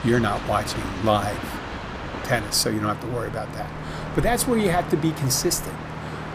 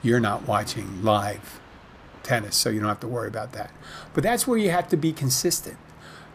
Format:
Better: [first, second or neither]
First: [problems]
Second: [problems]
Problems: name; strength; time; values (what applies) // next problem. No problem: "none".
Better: second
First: train or aircraft noise; loud; throughout; 9 dB below the speech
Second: train or aircraft noise; faint; throughout; 25 dB below the speech